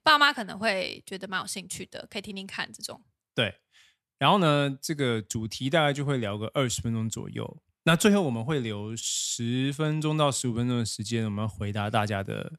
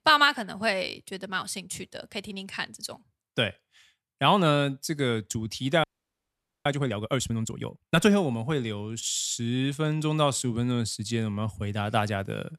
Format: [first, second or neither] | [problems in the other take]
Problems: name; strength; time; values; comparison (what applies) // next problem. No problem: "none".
first | audio freezing; at 6 s for 1 s